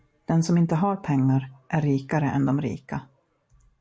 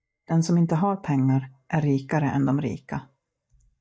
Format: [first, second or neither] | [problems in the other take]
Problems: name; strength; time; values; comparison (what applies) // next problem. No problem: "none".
first | noise reduction (neural mask model DeepFilterNet 3)